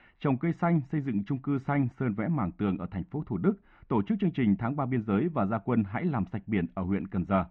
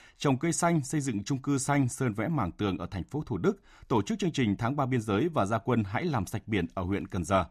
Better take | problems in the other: second | muffled; very; fading above 2.5 kHz

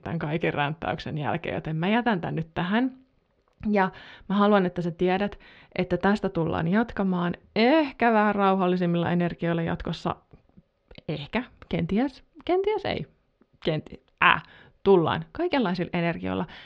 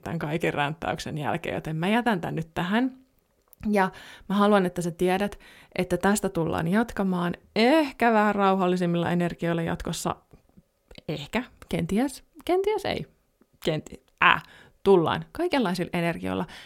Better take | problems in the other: second | muffled; very slightly; fading above 4 kHz

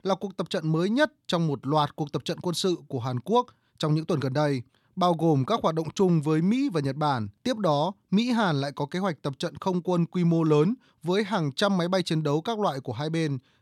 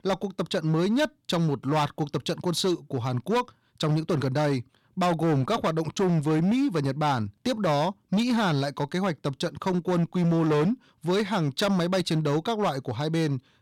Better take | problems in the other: first | distortion; slight; 13% of the sound clipped

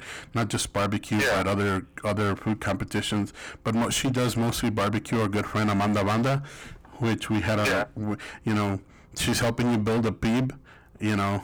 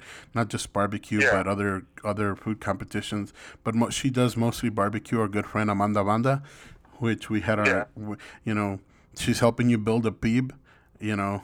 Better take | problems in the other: second | distortion; heavy; 23% of the sound clipped

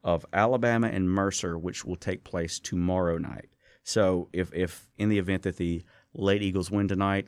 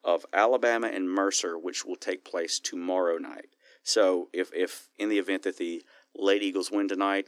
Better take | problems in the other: first | thin; very slightly; fading below 300 Hz

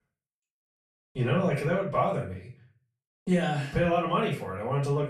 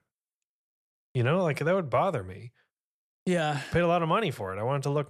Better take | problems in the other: second | off-mic speech; far // room echo; slight; dies away in 0.3 s

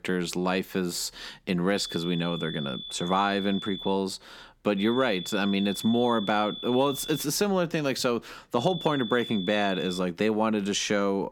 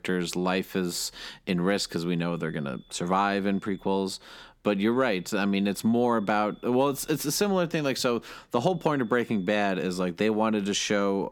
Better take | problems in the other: second | high-pitched whine; loud; from 2 to 4 s, from 5 to 7 s and from 8.5 to 10 s; 3.5 kHz, 10 dB below the speech; faint in the second

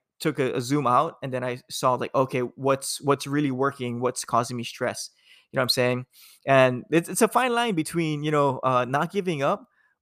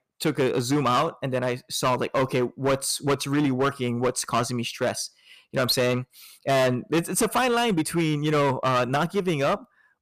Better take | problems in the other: first | distortion; heavy; 11% of the sound clipped

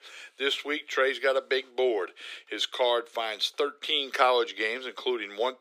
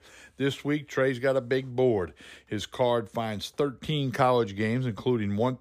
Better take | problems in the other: second | thin; very; fading below 350 Hz

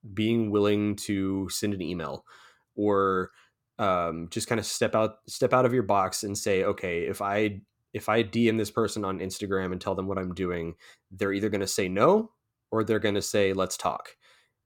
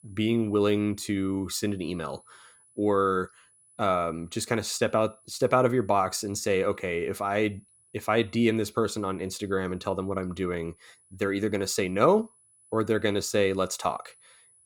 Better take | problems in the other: first | high-pitched whine; faint; throughout; 10 kHz, 30 dB below the speech

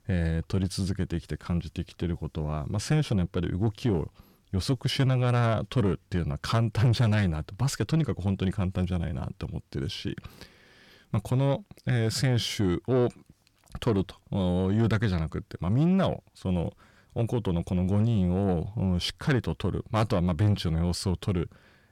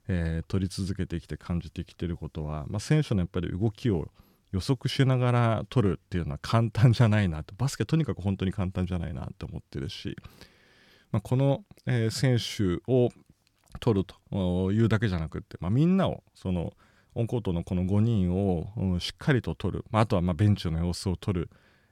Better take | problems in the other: second | distortion; slight; 10 dB below the speech

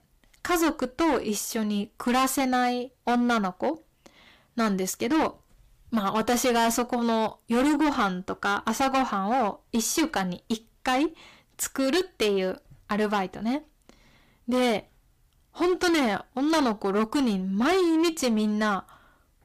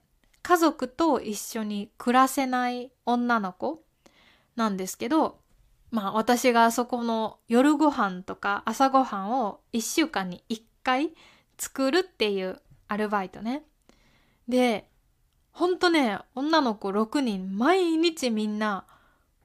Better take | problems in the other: second | distortion; heavy; 13% of the sound clipped

